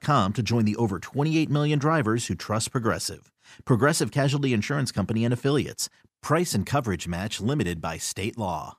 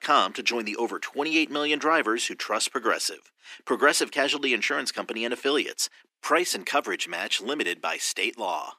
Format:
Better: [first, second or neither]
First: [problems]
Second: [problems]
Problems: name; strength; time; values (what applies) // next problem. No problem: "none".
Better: first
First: none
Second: thin; somewhat; fading below 300 Hz